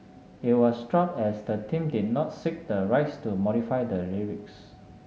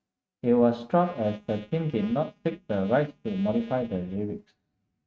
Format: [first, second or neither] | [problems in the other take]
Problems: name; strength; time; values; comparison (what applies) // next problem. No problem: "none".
first | noise reduction (neural mask model RNNoise)